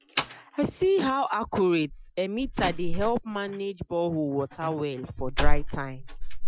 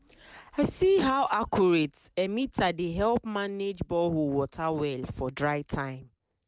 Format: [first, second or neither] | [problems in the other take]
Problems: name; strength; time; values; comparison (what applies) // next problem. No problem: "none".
second | noise reduction (classical method Wiener filter)